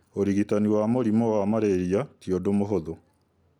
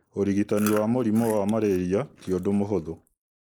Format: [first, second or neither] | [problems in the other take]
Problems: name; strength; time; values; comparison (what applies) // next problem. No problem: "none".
first | noise reduction (neural mask model Resemble Enhance denoiser)